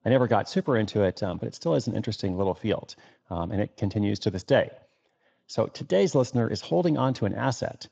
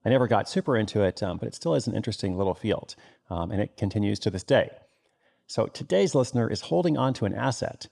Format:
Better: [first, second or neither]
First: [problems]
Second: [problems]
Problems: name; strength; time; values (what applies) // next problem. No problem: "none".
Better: second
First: garbled, watery; slightly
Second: none